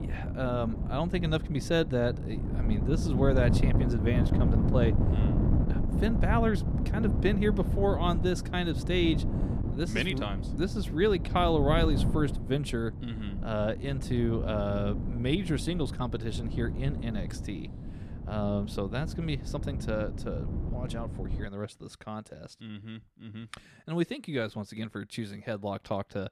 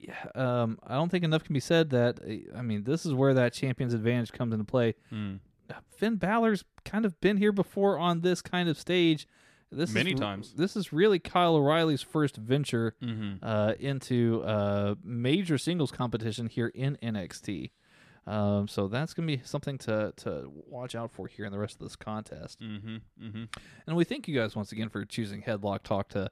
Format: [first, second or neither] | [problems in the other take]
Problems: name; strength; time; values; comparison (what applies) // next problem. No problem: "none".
second | wind noise on the microphone; heavy; until 21 s; 8 dB below the speech